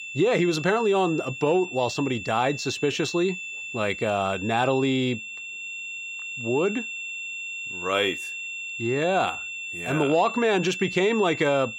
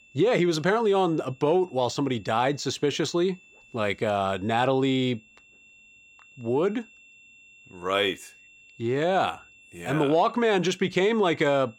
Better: second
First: high-pitched whine; loud; throughout; 2.5 kHz, 8 dB below the speech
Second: high-pitched whine; faint; throughout; 2.5 kHz, 25 dB below the speech

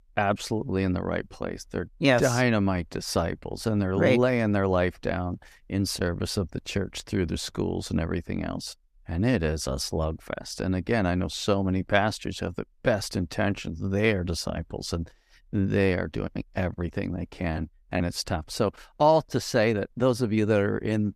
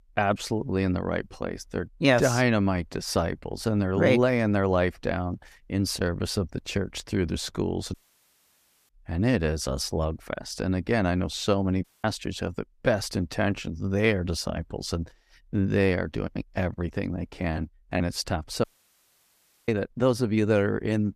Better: first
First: none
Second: audio cutting out; at 8 s for 1 s, at 12 s and at 19 s for 1 s

